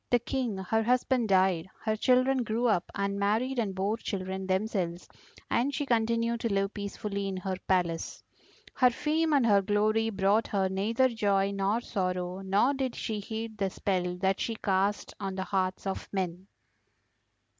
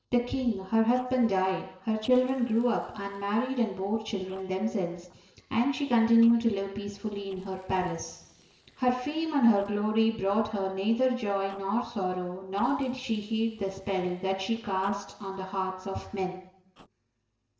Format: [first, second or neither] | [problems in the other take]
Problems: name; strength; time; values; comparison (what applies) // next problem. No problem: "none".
first | noise reduction (neural separator model SepFormer DNS4)